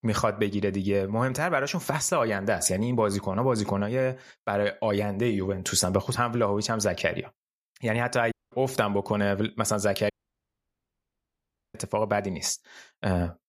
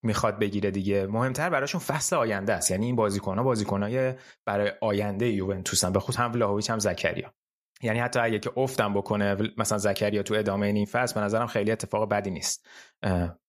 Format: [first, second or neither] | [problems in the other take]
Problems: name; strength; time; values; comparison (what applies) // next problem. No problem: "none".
second | audio cutting out; at 8.5 s and at 10 s for 1.5 s